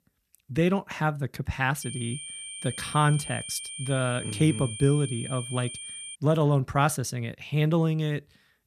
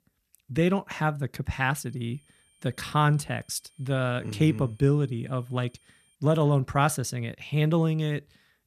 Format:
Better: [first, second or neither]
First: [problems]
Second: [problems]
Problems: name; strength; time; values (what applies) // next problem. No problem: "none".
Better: second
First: high-pitched whine; loud; from 2 to 6 s; 9 kHz, 9 dB below the speech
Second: high-pitched whine; faint; from 2 to 6 s; 9 kHz, 35 dB below the speech